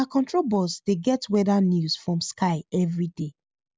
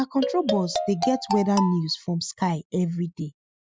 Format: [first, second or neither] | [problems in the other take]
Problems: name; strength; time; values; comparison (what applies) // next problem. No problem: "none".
first | noise reduction (classical method Wiener filter)